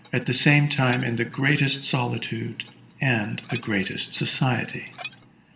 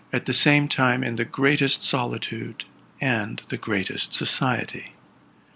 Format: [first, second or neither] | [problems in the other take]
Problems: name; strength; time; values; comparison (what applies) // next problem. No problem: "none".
second | background sound (Dishes, pots, and pans); 20 dB below the speech // room echo; dies away in 1.2 s